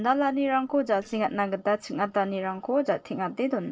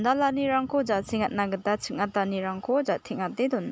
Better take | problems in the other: second | noise reduction (neural separator model SepFormer DNS4)

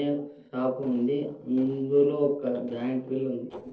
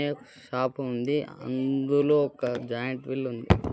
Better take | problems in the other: second | noise reduction (neural separator model SepFormer DNS4)

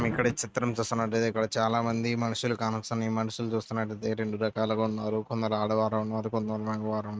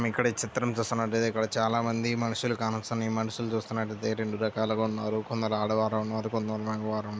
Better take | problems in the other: second | noise reduction (neural mask model RNNoise)

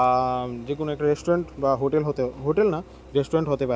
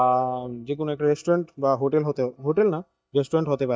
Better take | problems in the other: first | noise reduction (neural mask model DeepFilterNet 3)

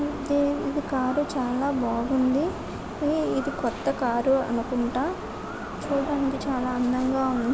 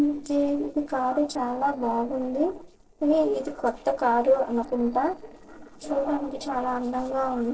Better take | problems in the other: first | noise reduction (neural separator model SepFormer DNS4)

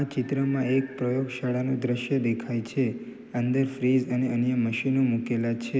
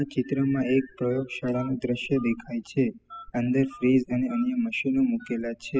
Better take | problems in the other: first | noise reduction (classical method spectral subtraction)

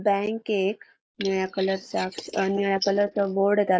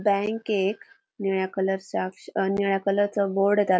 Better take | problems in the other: second | noise reduction (neural mask model Resemble Enhance denoiser)

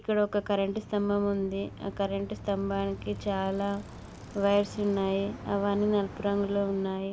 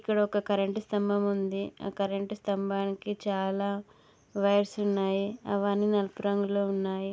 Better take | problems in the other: second | background sound (Bicycle); 14 dB below the speech

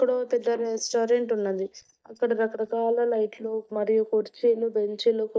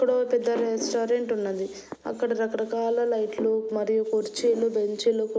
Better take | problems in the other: second | noise reduction (neural mask model DeepFilterNet 3)

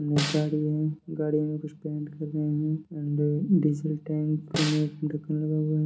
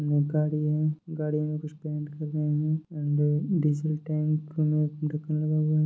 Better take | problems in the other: second | background sound (Snare drum); 9 dB below the speech // room echo; dies away in 0.3 s

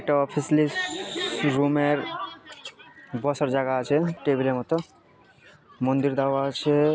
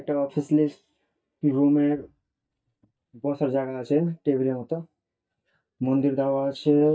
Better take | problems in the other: first | noise reduction (neural mask model DeepFilterNet 3)

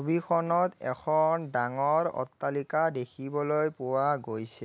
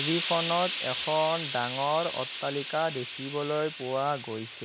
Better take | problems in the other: first | background sound (Hiss); 6 dB below the speech

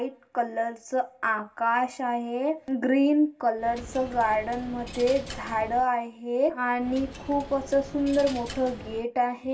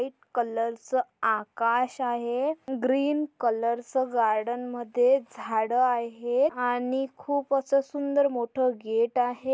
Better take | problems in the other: second | background sound (Coin (dropping)); 14 dB below the speech // room echo; dies away in 0.2 s

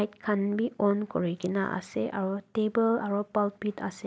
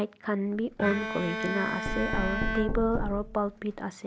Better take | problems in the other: first | background sound (Bowed string instrument + Knock); 2 dB below the speech

